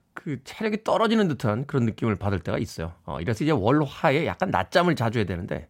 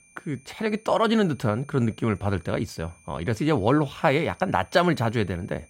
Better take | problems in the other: first | high-pitched whine; faint; throughout; 2.5 kHz, 30 dB below the speech

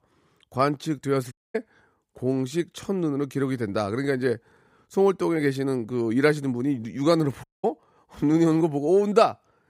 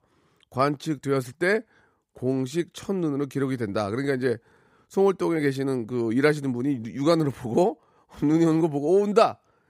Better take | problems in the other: second | audio cutting out; at 1.5 s and at 7.5 s

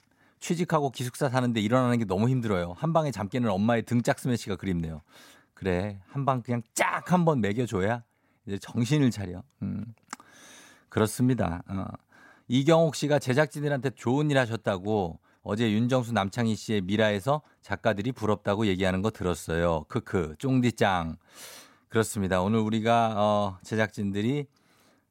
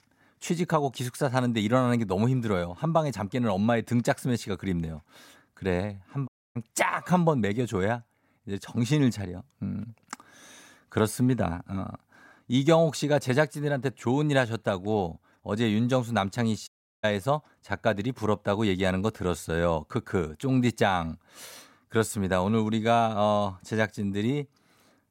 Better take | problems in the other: first | audio cutting out; at 6.5 s and at 17 s

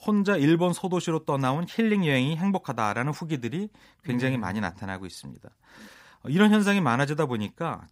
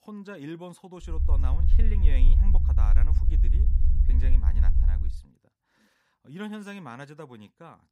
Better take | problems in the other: first | low rumble; loud; from 1 to 5 s; 2 dB below the speech

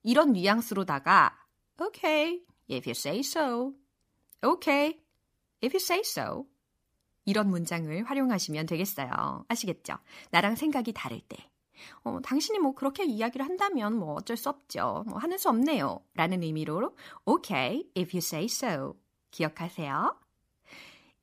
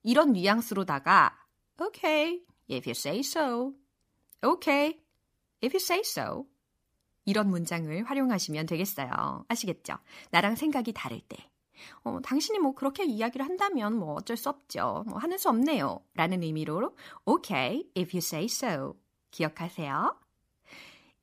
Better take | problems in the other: neither | none

